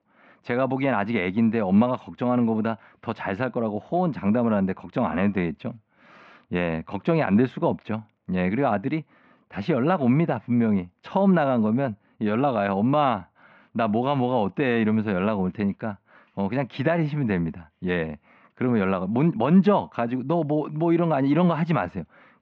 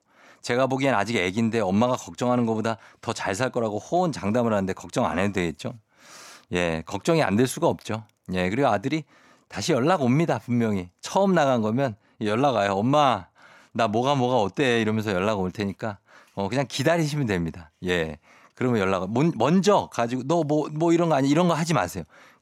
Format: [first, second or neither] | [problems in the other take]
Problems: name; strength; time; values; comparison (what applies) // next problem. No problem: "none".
second | muffled; very; fading above 3 kHz